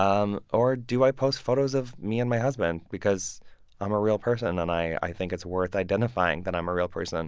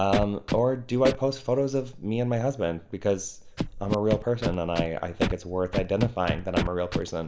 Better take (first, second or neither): first